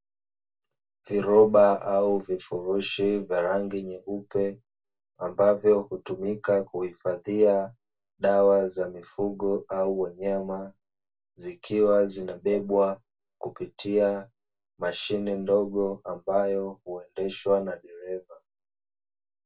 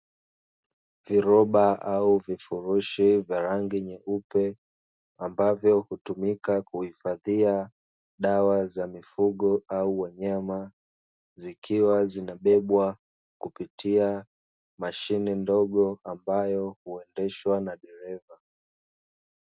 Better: second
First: room echo; dies away in 0.1 s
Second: none

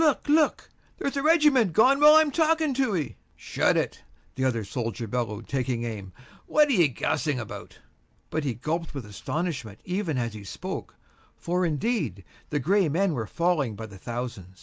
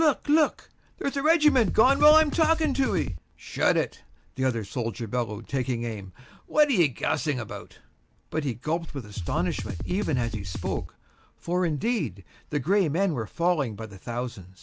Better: first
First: none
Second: background sound (Drum kit); 4 dB below the speech

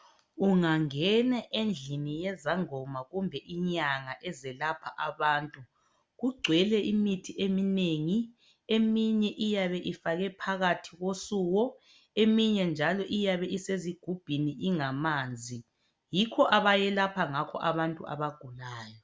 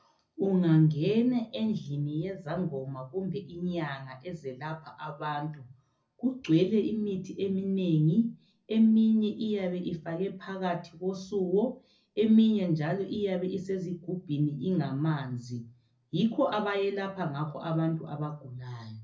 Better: first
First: none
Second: room echo; dies away in 0.4 s

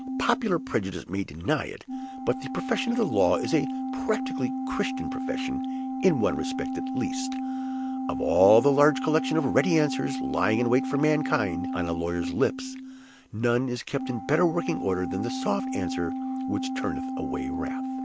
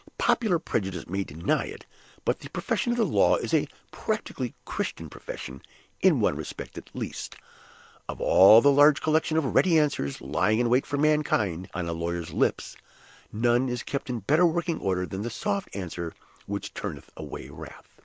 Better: second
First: background sound (Organ); 4 dB below the speech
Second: none

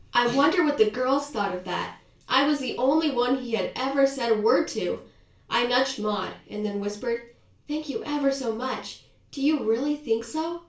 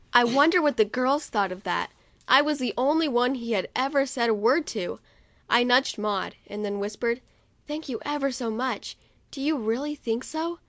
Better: second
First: room echo; dies away in 0.3 s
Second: none

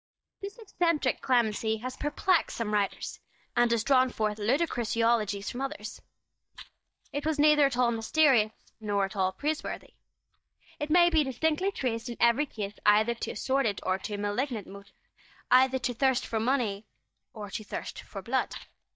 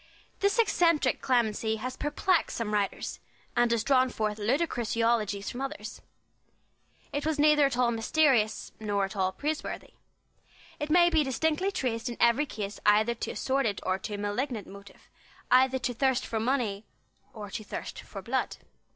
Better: second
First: noise reduction (neural mask model DeepFilterNet 3)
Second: none

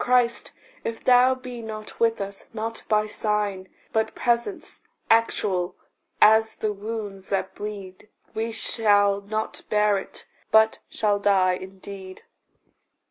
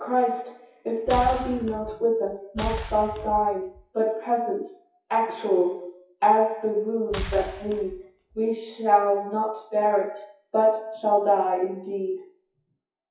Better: first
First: none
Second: noise reduction (classical method WPE with log-MMSE)

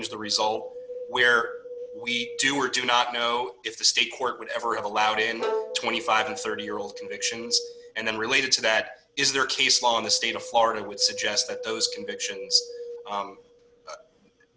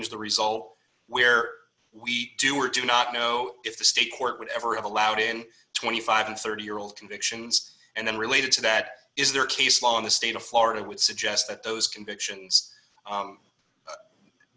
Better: second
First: background sound (Wind + Bowed string instrument); 12 dB below the speech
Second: none

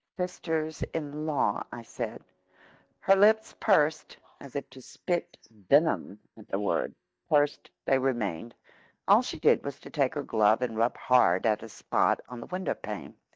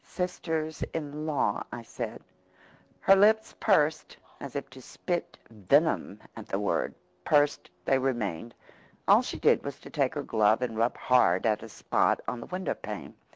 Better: second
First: noise reduction (neural mask model DeepFilterNet 3)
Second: none

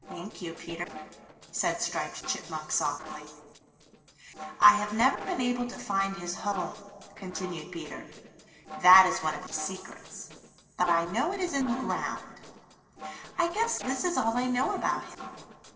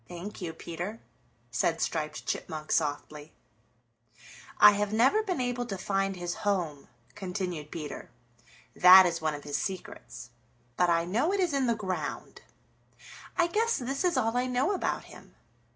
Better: second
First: noise reduction (neural separator model SepFormer DNS4)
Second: none

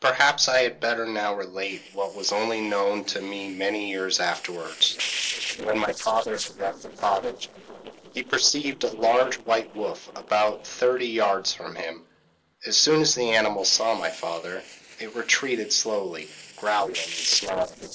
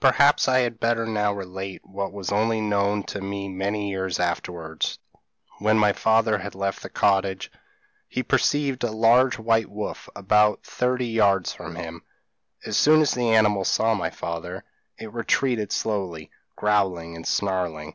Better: second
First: noise reduction (neural separator model SepFormer DNS4)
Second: none

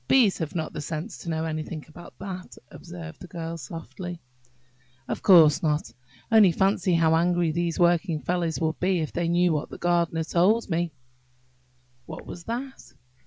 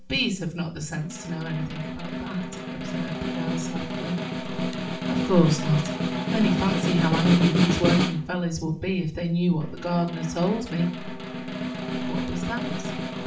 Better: first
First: none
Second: background sound (Snare drum); 1 dB below the speech // room echo; dies away in 0.4 s

